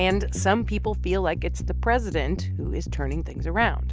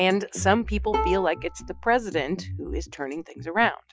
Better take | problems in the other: first | noise reduction (classical method Wiener filter)

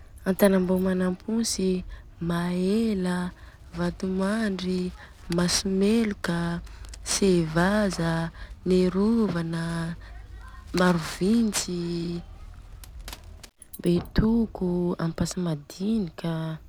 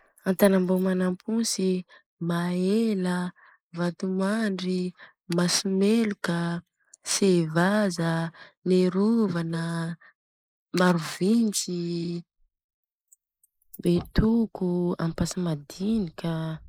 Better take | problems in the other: first | noise reduction (neural mask model Resemble Enhance denoiser)

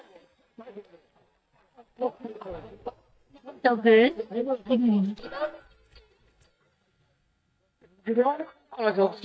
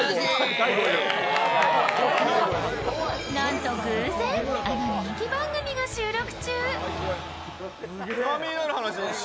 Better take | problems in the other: second | noise reduction (neural mask model DeepFilterNet 3)

